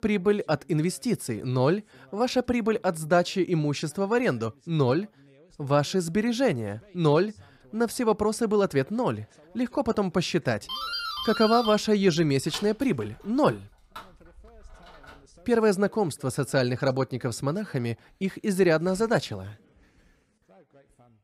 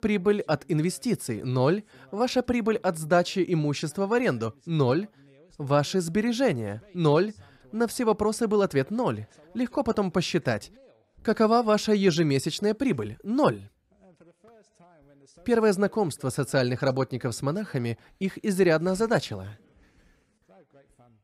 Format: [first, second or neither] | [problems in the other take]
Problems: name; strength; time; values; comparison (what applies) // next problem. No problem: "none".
second | doorbell; noticeable; from 11 to 15 s; peak 4 dB below the speech